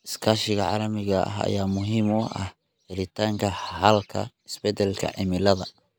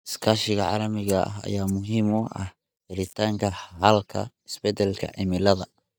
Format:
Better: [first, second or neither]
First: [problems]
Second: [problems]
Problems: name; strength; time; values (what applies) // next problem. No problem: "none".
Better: first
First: none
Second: noise reduction (neural mask model DeepFilterNet 3)